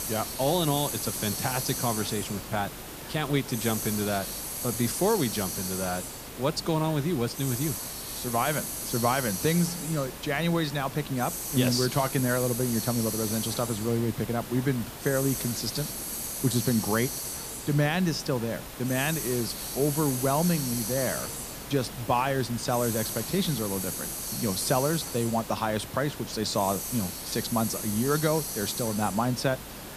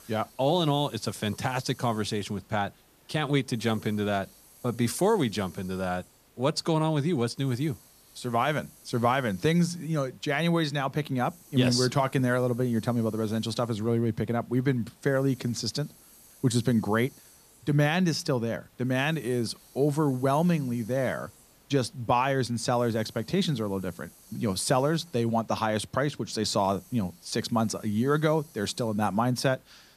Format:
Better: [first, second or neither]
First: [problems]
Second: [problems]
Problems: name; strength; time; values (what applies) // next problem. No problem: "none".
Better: second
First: hiss; loud; throughout; 4 dB below the speech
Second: hiss; faint; throughout; 25 dB below the speech